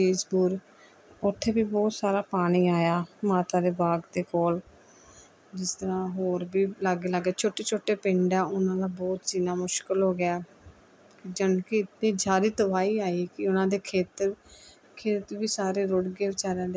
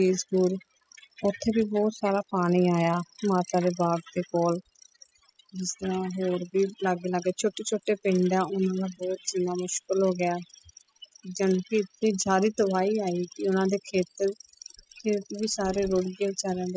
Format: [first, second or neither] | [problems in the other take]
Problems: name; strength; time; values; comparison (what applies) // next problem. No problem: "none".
first | noise reduction (classical method spectral subtraction)